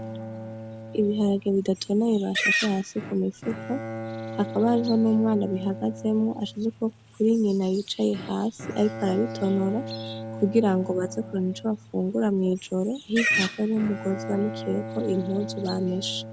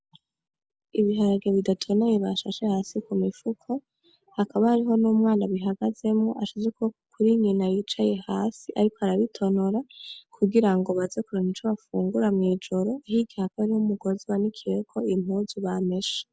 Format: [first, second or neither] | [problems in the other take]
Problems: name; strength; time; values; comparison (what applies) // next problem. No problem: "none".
second | background sound (Bowed string instrument + Livestock, farm animals, working animals); 8 dB below the speech